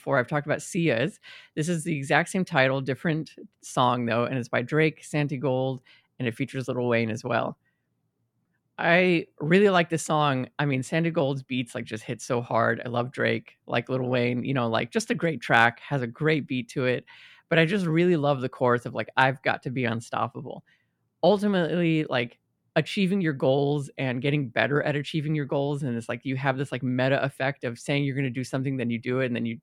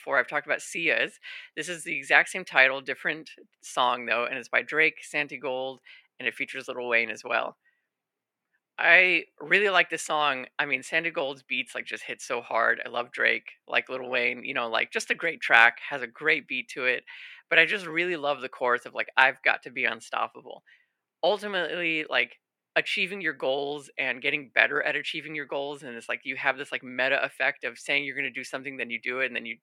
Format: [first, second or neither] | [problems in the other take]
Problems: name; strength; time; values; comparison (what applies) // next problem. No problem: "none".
first | thin; very; fading below 450 Hz